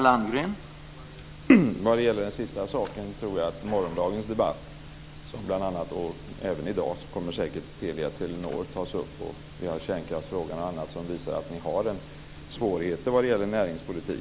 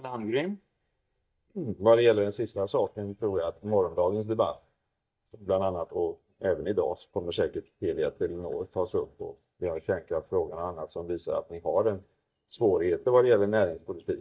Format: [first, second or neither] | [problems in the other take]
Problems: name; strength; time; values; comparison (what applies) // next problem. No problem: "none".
first | noise reduction (neural mask model DeepFilterNet 3)